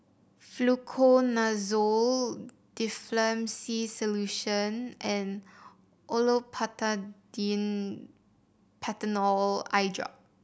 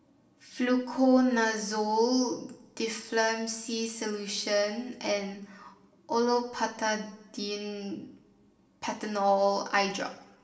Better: first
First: none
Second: room echo; dies away in 0.7 s

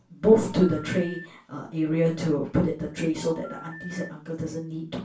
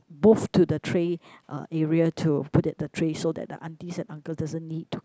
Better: second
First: background sound (Telephone); 17 dB below the speech // room echo; dies away in 0.3 s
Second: none

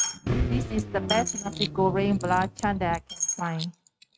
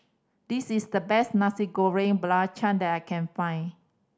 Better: second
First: noise reduction (neural mask model RNNoise)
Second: none

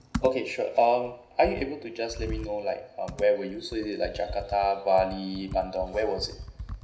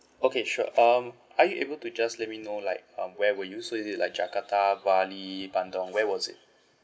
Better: second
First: background sound (Computer keyboard); 12 dB below the speech // room echo; dies away in 0.5 s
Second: none

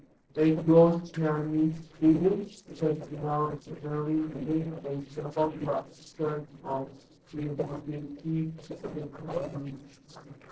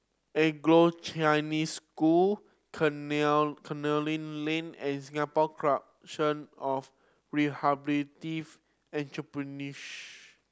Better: second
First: noise reduction (neural separator model SepFormer DNS4)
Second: none

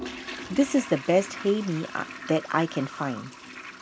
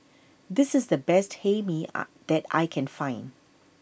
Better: second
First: background sound (Toilet flush); 12 dB below the speech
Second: none

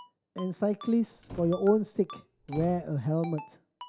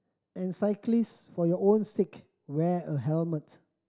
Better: second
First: background sound (Ringtone + Slam); 17 dB below the speech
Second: none

